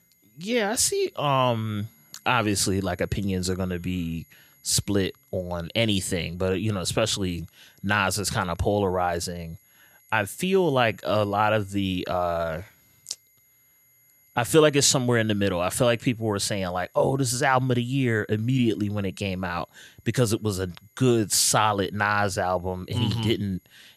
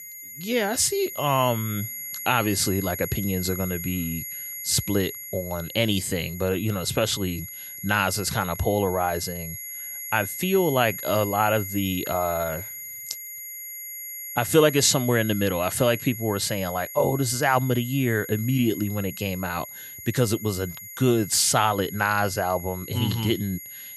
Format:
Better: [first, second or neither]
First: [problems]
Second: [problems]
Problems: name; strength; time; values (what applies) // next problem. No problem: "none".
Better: first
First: high-pitched whine; faint; throughout; 11.5 kHz, 35 dB below the speech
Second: high-pitched whine; loud; throughout; 11.5 kHz, 10 dB below the speech